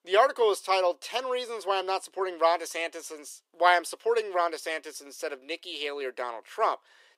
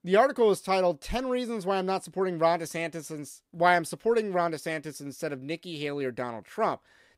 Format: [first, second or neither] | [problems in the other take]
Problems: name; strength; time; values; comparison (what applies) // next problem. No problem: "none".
second | thin; very; fading below 350 Hz